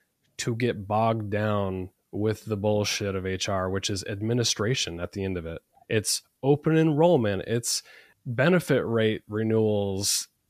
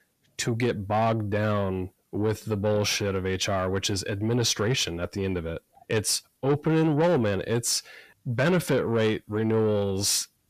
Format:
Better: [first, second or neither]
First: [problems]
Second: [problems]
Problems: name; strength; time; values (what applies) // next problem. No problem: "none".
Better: first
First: none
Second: distortion; slight; 10 dB below the speech